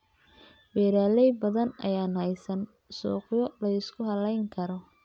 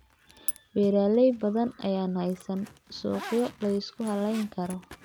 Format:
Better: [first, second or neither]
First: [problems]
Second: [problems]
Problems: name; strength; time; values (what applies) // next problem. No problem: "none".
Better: first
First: none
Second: background sound (Zipper (clothing)); 15 dB below the speech